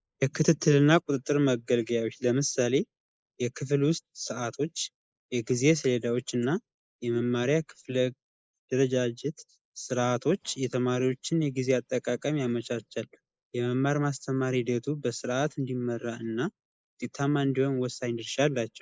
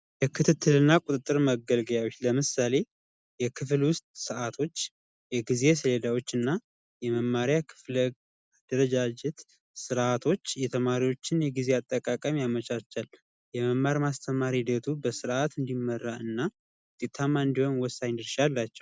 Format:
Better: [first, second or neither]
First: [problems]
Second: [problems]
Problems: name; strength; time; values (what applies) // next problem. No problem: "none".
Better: second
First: noise reduction (neural mask model Resemble Enhance denoiser)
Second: none